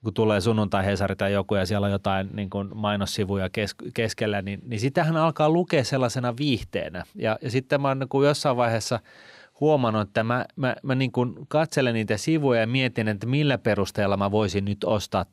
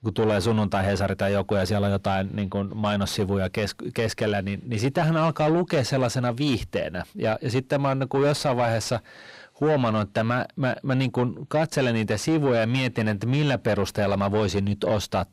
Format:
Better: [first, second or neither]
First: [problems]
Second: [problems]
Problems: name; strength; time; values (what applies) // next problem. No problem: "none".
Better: first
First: none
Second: distortion; slight; 10 dB below the speech